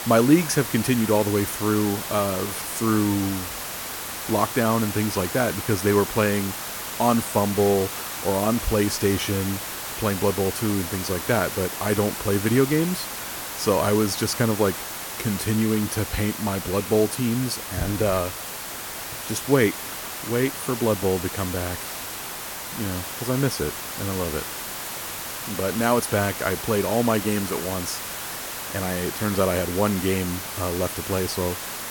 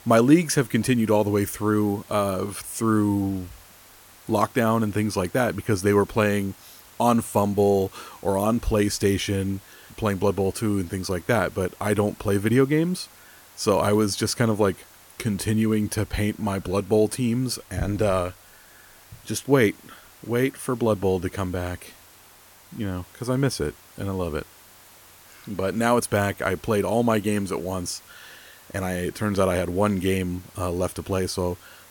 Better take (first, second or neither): second